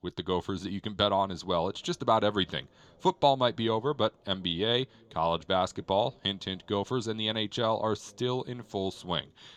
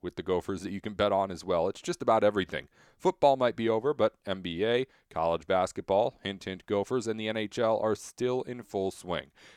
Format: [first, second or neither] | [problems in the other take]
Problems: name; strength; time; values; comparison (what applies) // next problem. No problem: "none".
second | room echo; slight; dies away in 3 s